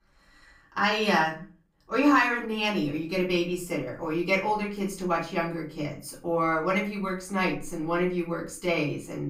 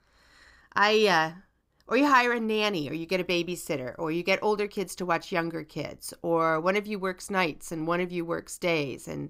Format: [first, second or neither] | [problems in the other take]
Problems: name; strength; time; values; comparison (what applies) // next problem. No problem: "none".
second | off-mic speech; far // room echo; slight; dies away in 0.3 s